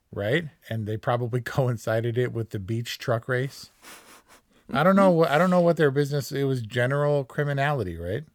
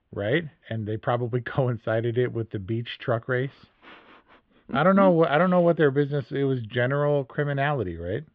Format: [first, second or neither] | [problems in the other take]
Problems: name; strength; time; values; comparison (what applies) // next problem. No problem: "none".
first | muffled; very; fading above 3.5 kHz